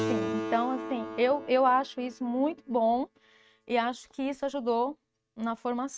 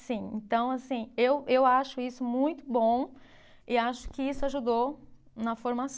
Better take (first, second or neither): second